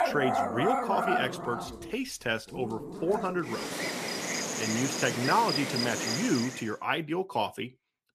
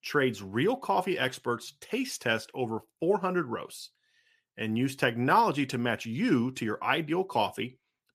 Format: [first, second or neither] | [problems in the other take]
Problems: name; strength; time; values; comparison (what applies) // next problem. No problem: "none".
second | animal sounds; loud; until 6.5 s; 1 dB below the speech